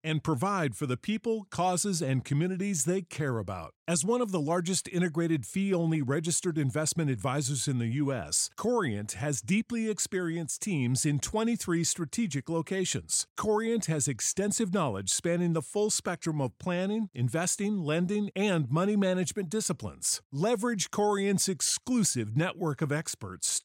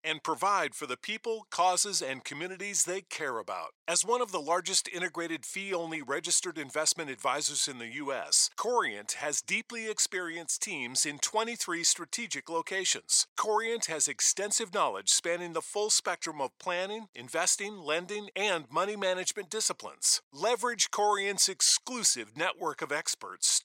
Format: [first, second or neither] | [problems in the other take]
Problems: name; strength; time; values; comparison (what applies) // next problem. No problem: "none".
first | thin; very; fading below 550 Hz